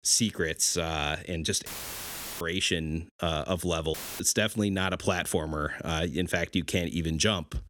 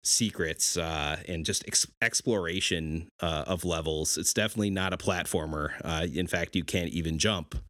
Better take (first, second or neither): second